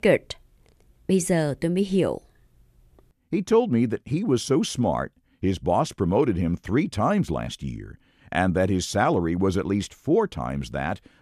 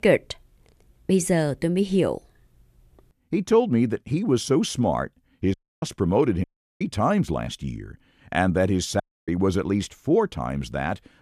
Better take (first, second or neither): first